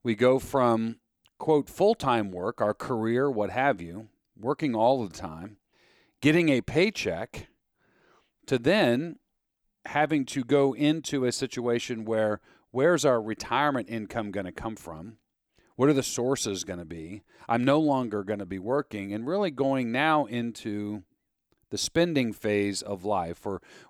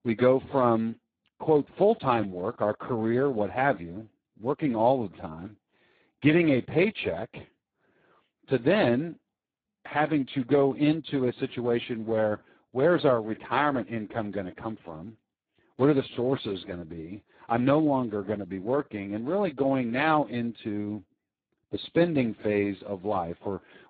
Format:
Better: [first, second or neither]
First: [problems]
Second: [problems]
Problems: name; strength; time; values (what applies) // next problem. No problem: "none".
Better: first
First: none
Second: garbled, watery; badly; nothing above 4 kHz